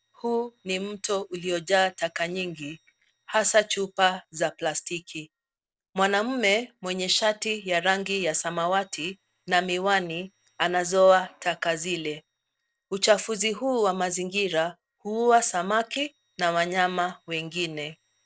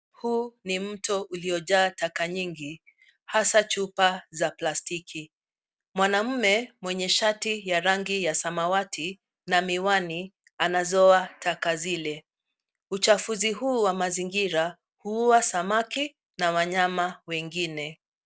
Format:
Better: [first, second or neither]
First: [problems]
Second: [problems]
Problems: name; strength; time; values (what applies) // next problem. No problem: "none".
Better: second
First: noise reduction (neural separator model SepFormer DNS4)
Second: none